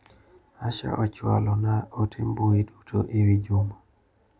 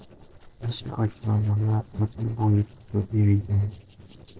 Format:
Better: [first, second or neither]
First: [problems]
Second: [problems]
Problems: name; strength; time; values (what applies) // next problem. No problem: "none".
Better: first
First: none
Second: noise reduction (neural separator model SepFormer DNS4)